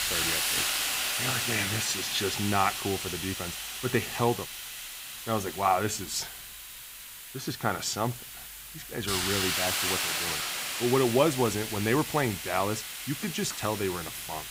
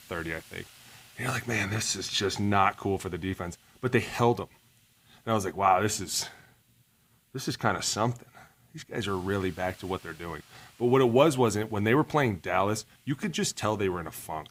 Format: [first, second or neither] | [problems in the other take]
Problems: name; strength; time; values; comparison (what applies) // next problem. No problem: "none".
second | hiss; loud; throughout; 1 dB below the speech; faint in the second